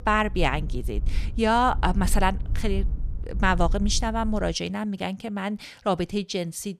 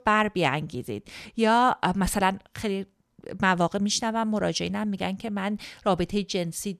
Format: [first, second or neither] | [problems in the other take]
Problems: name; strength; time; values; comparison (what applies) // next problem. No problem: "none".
second | low rumble; faint; until 4.5 s; 25 dB below the speech